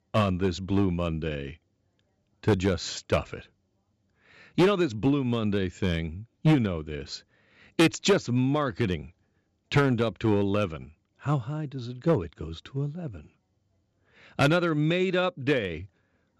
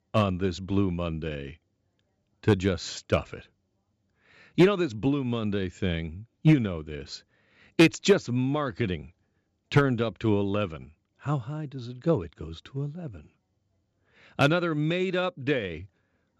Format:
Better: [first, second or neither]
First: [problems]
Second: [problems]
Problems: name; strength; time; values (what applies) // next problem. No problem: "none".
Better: second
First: distortion; slight; 2% of the sound clipped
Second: none